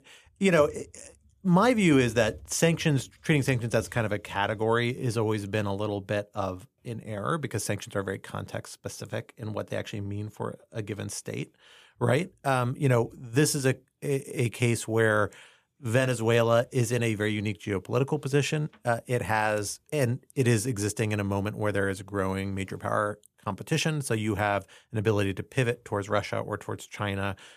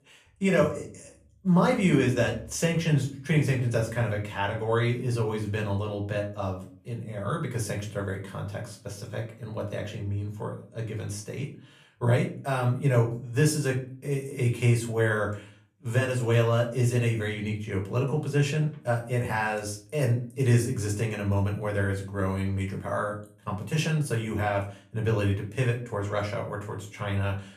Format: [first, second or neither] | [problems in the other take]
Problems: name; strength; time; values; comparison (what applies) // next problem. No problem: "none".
first | off-mic speech; far // room echo; slight; dies away in 0.4 s